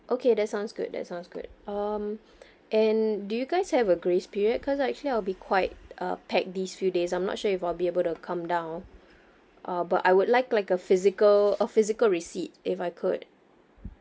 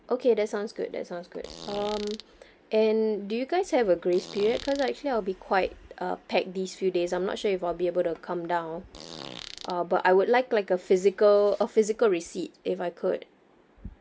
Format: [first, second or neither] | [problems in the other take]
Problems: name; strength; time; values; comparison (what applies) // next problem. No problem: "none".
first | background sound (Fart); 16 dB below the speech